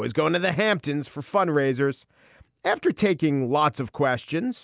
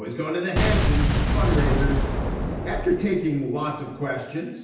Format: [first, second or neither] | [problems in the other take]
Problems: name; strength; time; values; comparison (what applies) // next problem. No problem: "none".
first | background sound (Boom); 4 dB above the speech // room echo; dies away in 0.9 s